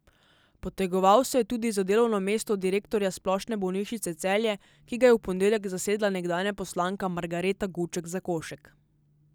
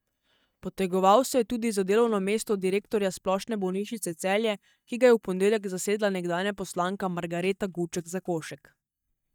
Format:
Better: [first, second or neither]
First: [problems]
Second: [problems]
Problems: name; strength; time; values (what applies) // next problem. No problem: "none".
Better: first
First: none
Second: noise reduction (neural mask model DeepFilterNet 3)